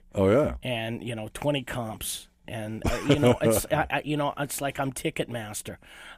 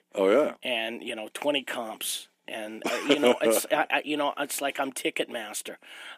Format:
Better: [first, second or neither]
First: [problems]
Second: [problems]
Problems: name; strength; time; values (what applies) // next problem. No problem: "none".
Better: first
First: none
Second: thin; very slightly; fading below 250 Hz